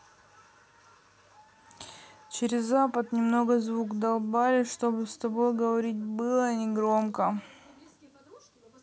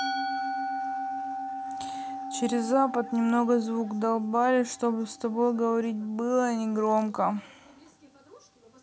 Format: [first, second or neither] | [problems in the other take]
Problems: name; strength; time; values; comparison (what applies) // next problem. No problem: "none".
first | background sound (Musical instrument); 9 dB below the speech